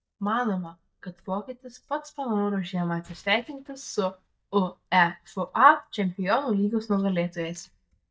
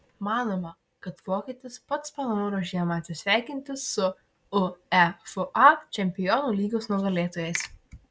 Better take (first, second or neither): second